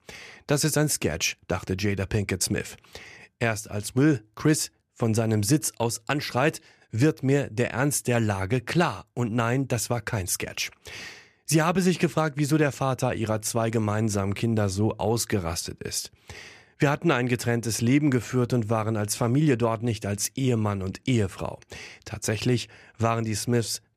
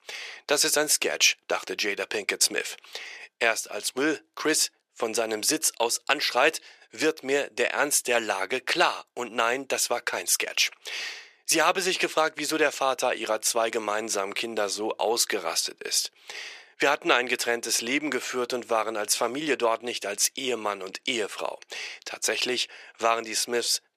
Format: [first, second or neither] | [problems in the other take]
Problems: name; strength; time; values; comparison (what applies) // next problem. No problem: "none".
first | thin; very; fading below 450 Hz